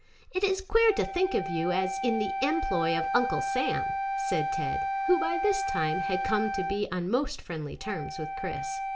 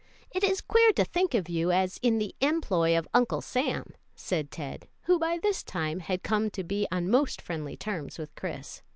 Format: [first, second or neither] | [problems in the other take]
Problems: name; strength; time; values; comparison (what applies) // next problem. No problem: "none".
second | background sound (Wind instrument, woodwind instrument); 2 dB below the speech // room echo; dies away in 0.4 s